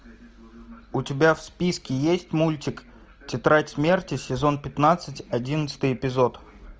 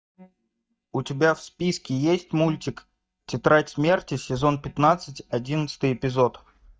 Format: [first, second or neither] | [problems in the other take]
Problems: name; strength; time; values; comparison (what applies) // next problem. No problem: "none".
first | noise reduction (neural mask model DeepFilterNet 3)